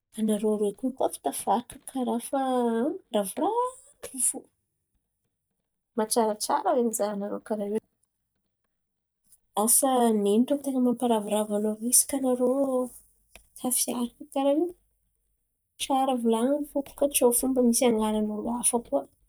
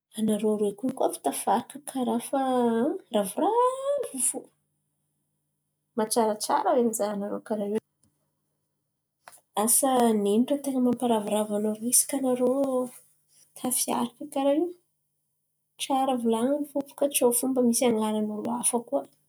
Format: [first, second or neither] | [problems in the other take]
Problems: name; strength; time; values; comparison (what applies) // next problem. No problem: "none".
second | noise reduction (neural mask model DeepFilterNet 3)